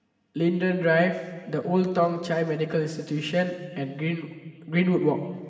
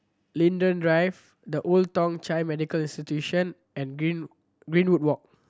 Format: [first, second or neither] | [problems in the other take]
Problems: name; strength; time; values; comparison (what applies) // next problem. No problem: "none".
second | room echo; dies away in 1.7 s